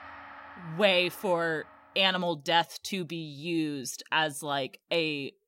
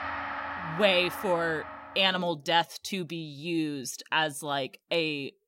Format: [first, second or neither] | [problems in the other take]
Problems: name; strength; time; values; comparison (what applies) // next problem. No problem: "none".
first | background music; loud; until 2 s; 9 dB below the speech; faint in the first